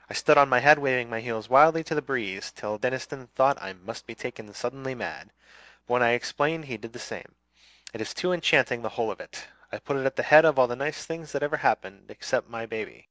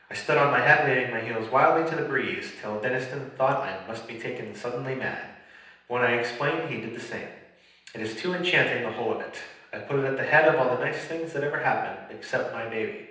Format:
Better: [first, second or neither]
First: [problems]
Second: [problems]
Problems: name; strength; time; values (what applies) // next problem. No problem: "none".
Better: first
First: none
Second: room echo; dies away in 0.9 s